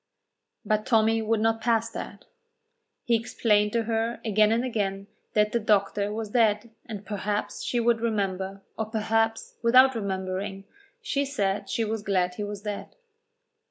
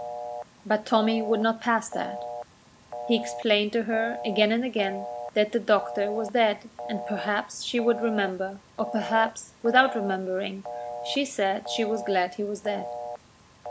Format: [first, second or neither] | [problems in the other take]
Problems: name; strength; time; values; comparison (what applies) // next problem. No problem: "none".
first | background sound (Telephone); 10 dB below the speech